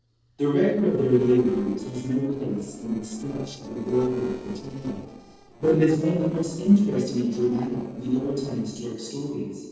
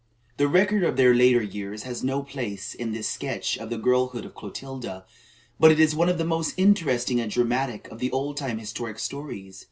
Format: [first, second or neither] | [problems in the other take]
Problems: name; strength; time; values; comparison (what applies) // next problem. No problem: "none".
second | noise reduction (neural separator model SepFormer DNS4)